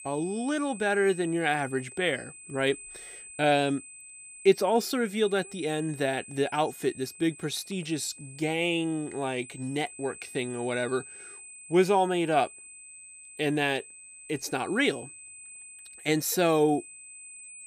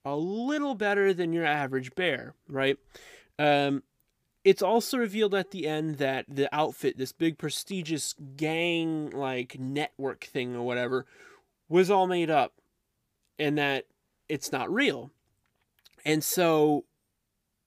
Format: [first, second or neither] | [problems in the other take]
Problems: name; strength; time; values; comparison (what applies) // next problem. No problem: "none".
second | high-pitched whine; noticeable; throughout; 8 kHz, 15 dB below the speech